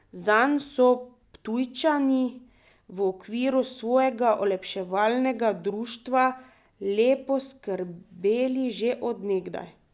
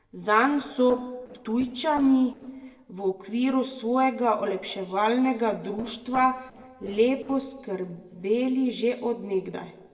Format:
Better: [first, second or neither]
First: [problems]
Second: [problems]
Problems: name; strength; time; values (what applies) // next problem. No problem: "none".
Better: first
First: none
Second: noise reduction (neural separator model SepFormer DNS4)